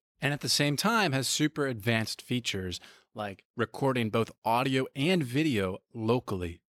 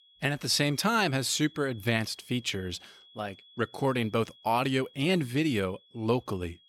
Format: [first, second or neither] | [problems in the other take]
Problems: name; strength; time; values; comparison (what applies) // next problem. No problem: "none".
first | high-pitched whine; faint; throughout; 3.5 kHz, 25 dB below the speech